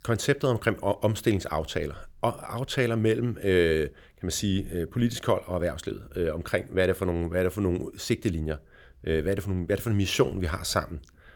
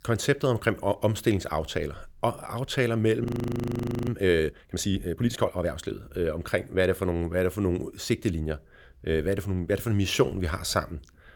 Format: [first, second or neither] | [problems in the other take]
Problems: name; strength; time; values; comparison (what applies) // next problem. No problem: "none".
first | audio freezing; at 3 s for 1 s